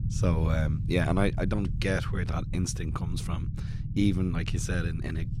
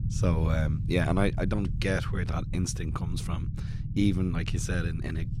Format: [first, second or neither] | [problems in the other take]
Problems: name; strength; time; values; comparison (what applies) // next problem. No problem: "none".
neither | low rumble; noticeable; throughout; 15 dB below the speech; the same in both